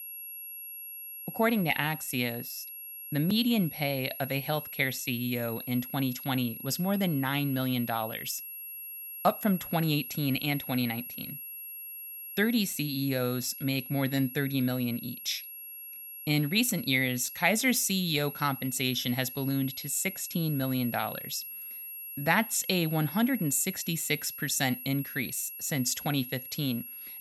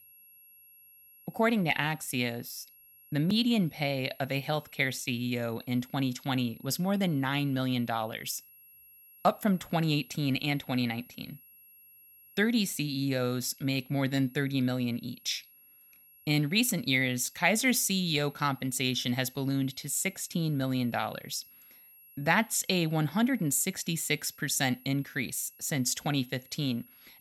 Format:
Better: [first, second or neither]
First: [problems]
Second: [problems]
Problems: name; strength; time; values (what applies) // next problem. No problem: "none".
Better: second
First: high-pitched whine; loud; throughout; 11.5 kHz, 9 dB below the speech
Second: high-pitched whine; faint; throughout; 11.5 kHz, 25 dB below the speech